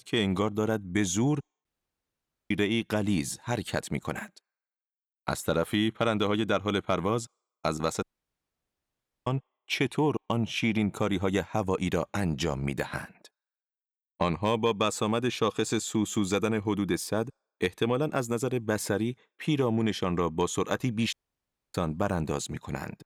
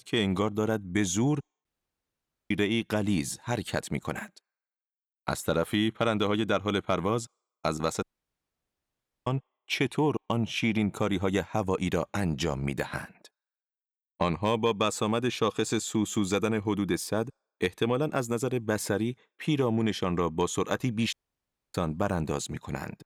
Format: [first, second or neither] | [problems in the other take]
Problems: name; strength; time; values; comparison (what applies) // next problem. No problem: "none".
neither | audio cutting out; at 1.5 s for 1 s, at 8 s for 1 s and at 21 s for 0.5 s; the same in both